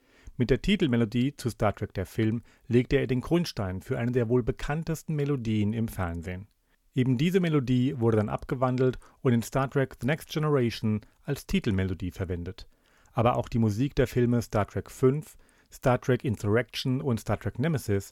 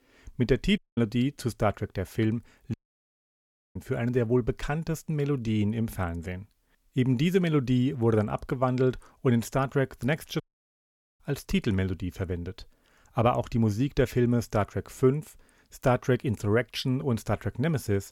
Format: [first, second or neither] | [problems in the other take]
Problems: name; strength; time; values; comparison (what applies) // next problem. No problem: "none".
first | audio cutting out; at 1 s, at 2.5 s for 1 s and at 10 s for 1 s